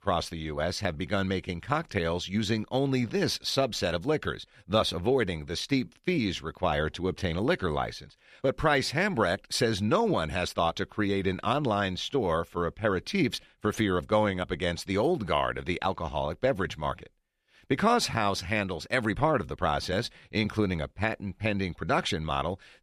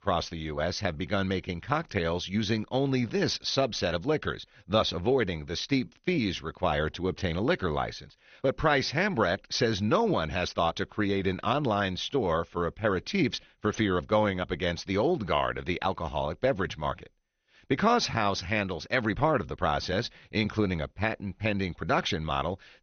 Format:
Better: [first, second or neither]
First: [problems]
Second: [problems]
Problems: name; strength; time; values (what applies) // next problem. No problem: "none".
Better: first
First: none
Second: garbled, watery; slightly; nothing above 6.5 kHz